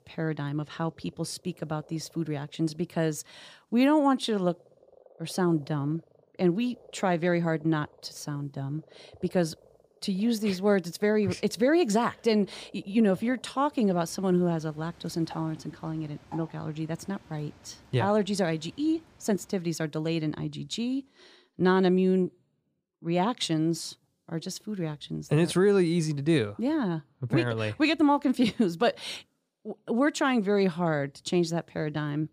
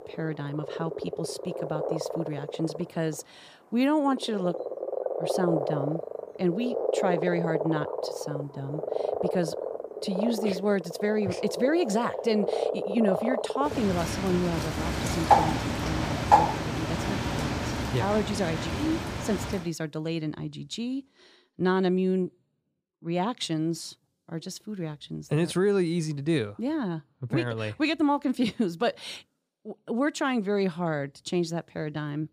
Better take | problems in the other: first | animal sounds; loud; until 20 s; 1 dB below the speech; faint in the first

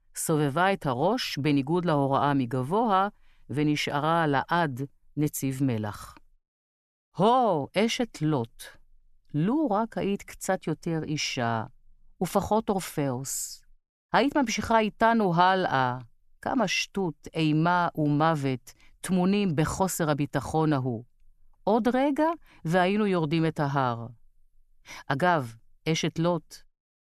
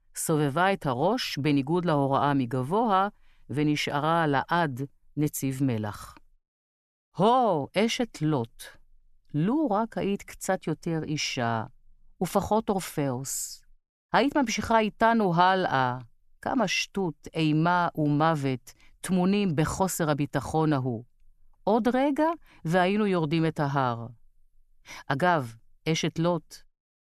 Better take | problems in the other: neither | none

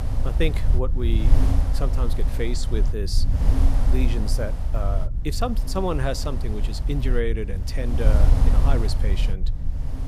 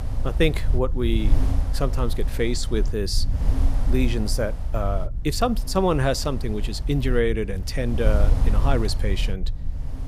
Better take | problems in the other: second | wind noise on the microphone; heavy; 7 dB below the speech; occasional gusts in the second

